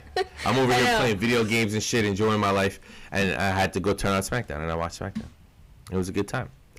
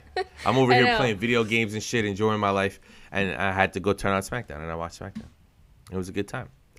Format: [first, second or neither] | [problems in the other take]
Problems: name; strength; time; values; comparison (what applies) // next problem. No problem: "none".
second | distortion; heavy; 12% of the sound clipped